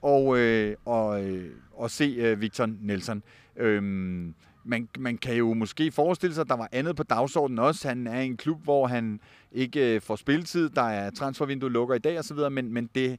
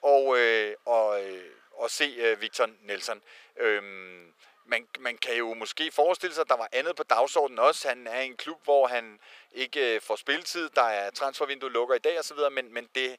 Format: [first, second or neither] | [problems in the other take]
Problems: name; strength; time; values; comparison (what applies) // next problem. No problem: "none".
first | thin; very; fading below 500 Hz